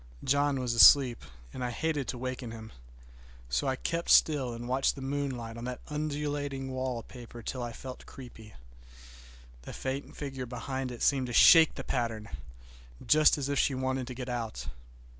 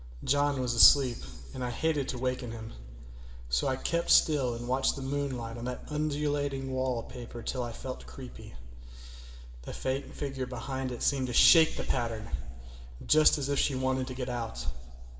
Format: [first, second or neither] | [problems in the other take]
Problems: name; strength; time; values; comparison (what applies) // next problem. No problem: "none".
first | room echo; dies away in 1.5 s